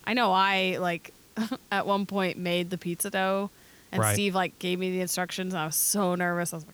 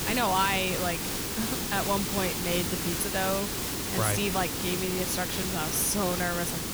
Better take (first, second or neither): first